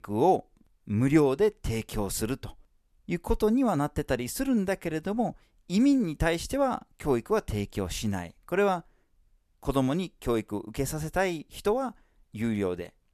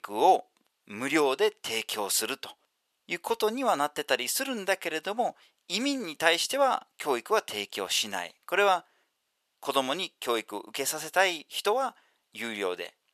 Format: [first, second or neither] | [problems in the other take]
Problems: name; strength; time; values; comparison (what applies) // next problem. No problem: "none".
first | thin; somewhat; fading below 650 Hz